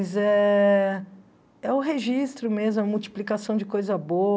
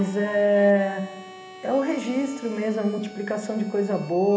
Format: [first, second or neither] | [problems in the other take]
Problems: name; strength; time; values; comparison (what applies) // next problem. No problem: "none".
first | background sound (Harmonica); 19 dB below the speech // room echo; dies away in 1 s